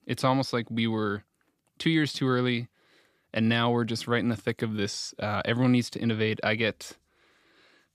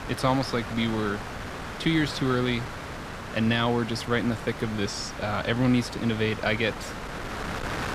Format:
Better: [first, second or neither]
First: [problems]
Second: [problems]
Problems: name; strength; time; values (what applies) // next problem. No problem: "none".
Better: first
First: none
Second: wind noise on the microphone; heavy; 7 dB below the speech